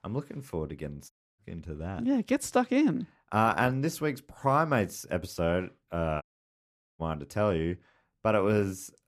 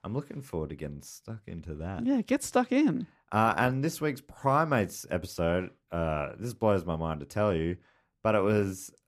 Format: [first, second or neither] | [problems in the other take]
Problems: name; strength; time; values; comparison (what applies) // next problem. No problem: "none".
second | audio cutting out; at 1 s and at 6 s for 1 s